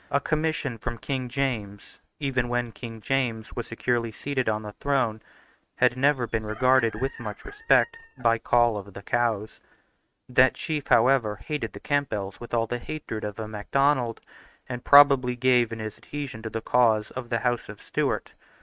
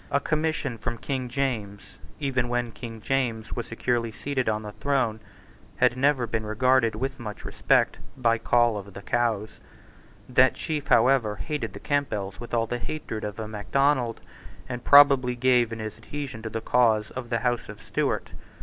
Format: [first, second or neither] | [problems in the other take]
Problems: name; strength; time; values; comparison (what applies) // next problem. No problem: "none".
second | noise reduction (neural mask model RNNoise)